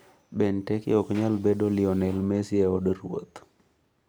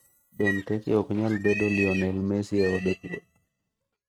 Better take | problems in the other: first | noise reduction (neural mask model RNNoise)

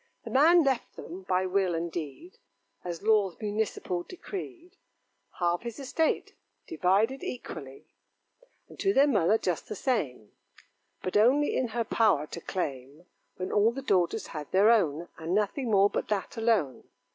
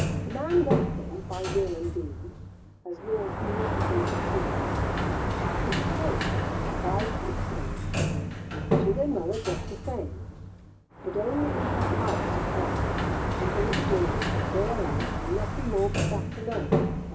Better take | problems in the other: first | background sound (Sliding door); 4 dB above the speech // room echo; dies away in 0.4 s

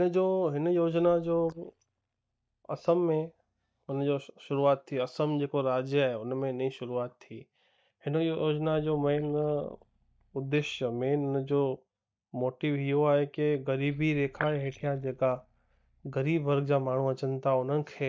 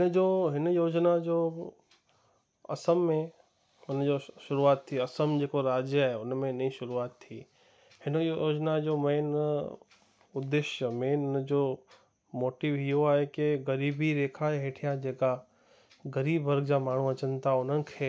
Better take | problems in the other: second | noise reduction (neural mask model DeepFilterNet 3)

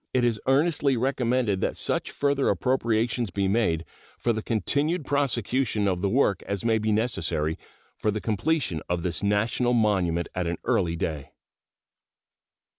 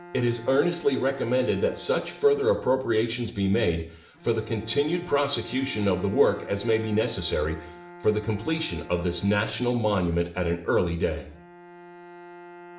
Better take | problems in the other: first | background sound (Bowed string instrument); 19 dB below the speech // room echo; dies away in 0.6 s

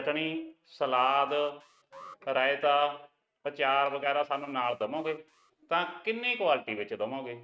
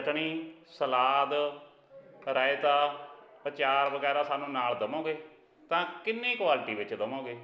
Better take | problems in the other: second | noise reduction (neural mask model RNNoise)

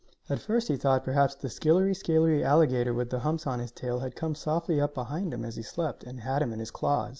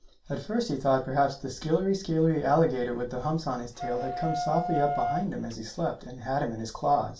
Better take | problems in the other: first | background sound (Wind instrument, woodwind instrument); 4 dB below the speech // room echo; dies away in 0.3 s

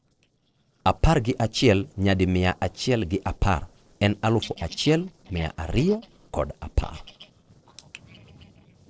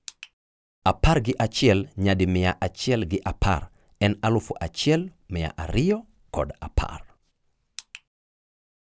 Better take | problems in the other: second | noise reduction (neural separator model SepFormer DNS4)

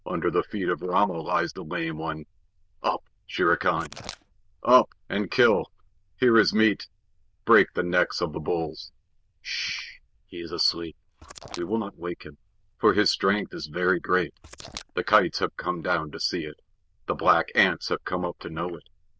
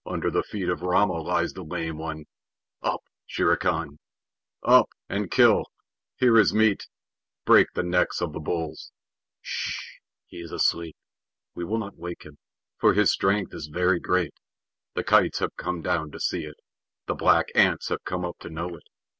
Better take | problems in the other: second | noise reduction (neural diffusion model UNIVERSE++)

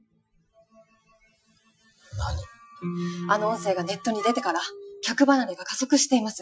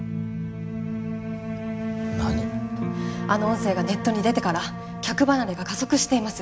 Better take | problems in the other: second | noise reduction (classical method Wiener filter)

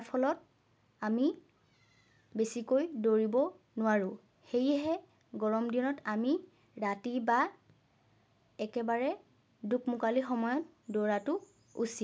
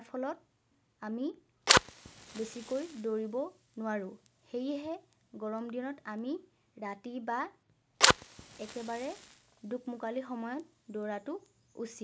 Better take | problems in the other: first | background sound (Fire); 2 dB above the speech

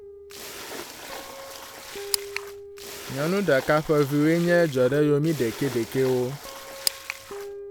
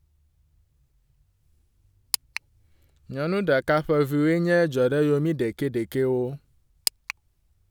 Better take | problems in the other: second | background sound (Splash, splatter + Guitar); 13 dB below the speech

